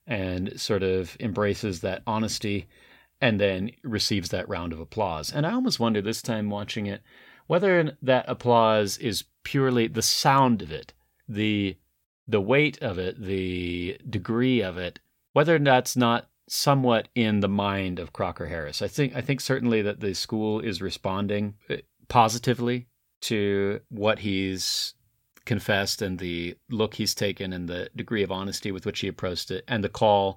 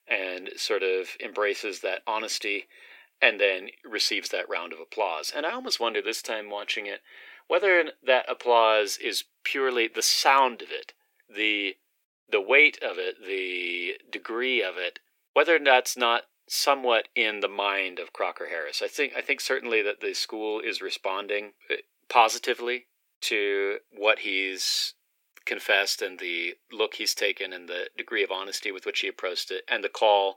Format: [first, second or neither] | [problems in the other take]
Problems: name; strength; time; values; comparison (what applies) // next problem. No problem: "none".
first | thin; very; fading below 350 Hz